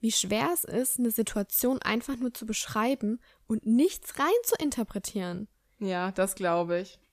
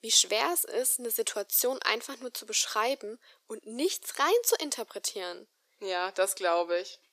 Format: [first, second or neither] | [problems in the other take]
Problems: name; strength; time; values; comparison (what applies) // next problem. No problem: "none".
first | thin; very; fading below 350 Hz